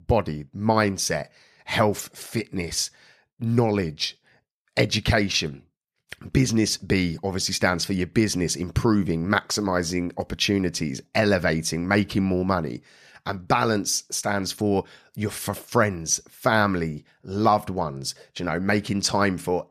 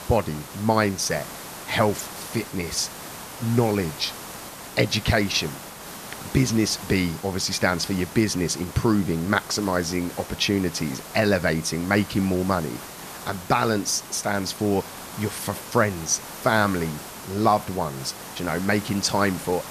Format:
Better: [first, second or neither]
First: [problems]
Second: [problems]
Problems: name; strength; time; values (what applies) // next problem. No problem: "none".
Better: first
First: none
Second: hiss; noticeable; throughout; 15 dB below the speech